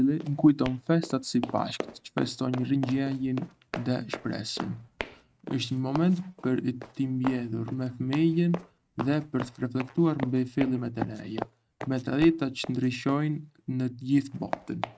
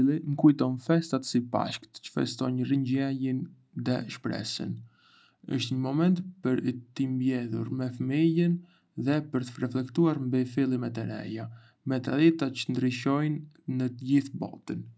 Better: second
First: noise reduction (neural mask model RNNoise)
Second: none

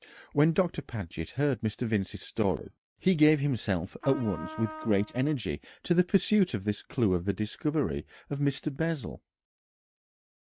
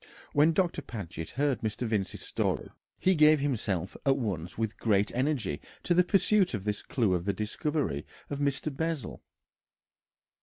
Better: second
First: noise reduction (neural mask model RNNoise)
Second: none

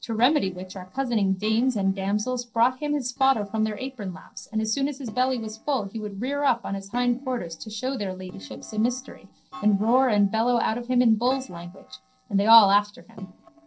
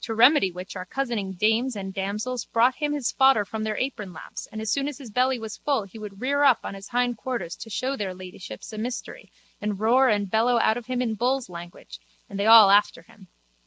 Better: second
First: noise reduction (neural separator model SepFormer DNS4)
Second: none

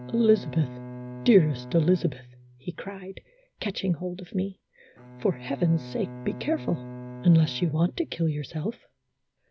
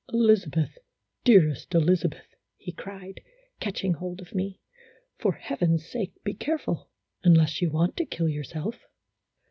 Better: second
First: background sound (Bowed string instrument); 14 dB below the speech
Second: none

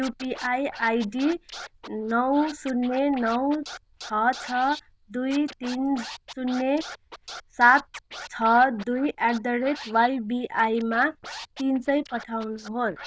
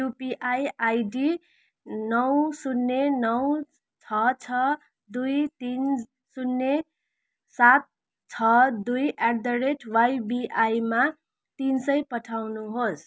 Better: second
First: noise reduction (neural diffusion model UNIVERSE++)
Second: none

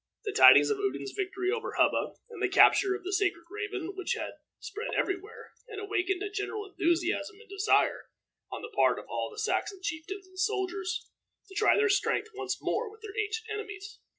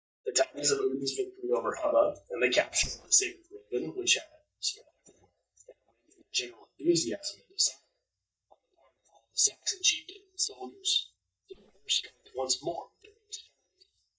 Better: first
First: none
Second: noise reduction (neural mask model DeepFilterNet 3)

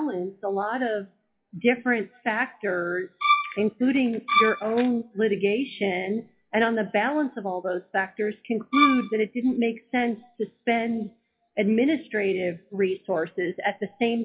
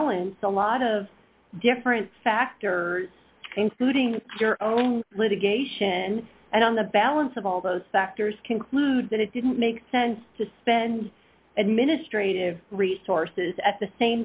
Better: second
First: noise reduction (classical method WPE with log-MMSE)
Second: none

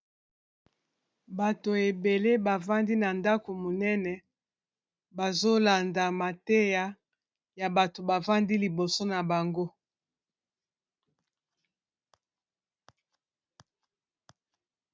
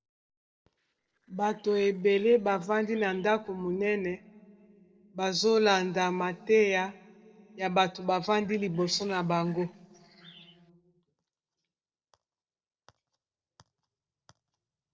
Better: first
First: none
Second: noise reduction (neural separator model SepFormer DNS4)

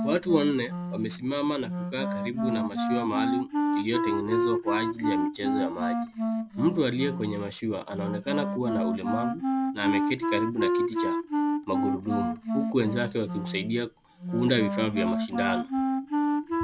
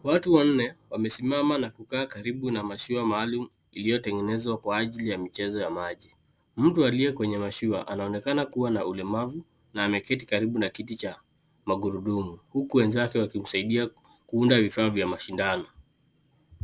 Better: second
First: background sound (Wind instrument, woodwind instrument); 1 dB above the speech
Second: none

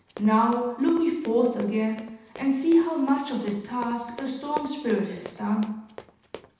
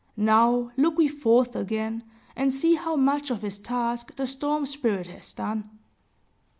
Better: second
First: background sound (Run); 19 dB below the speech // room echo; dies away in 0.9 s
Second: none

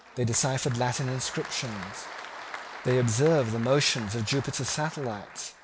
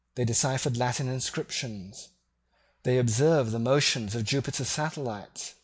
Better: second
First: background sound (Applause); 13 dB below the speech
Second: none

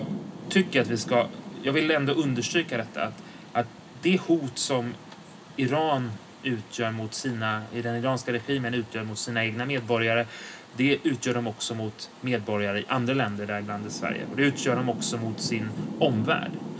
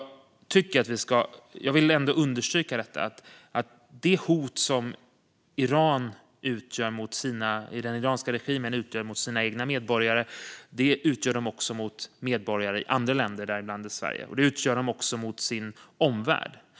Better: second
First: background sound (Rain); 12 dB below the speech // room echo; dies away in 0.4 s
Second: none

